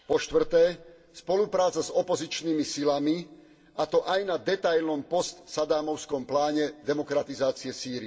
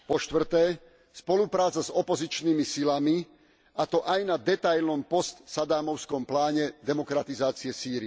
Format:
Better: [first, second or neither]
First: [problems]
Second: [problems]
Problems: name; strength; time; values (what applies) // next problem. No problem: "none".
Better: second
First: room echo; dies away in 0.3 s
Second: none